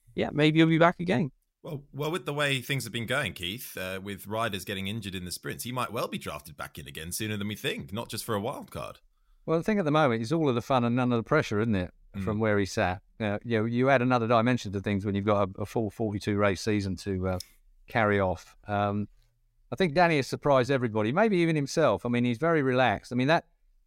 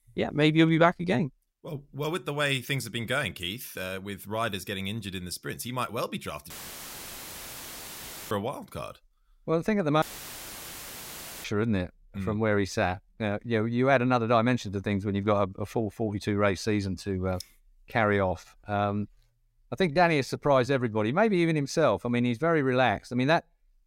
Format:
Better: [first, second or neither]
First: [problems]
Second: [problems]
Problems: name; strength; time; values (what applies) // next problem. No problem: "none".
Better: first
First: none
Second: audio cutting out; filled with static; at 6.5 s for 2 s and at 10 s for 1.5 s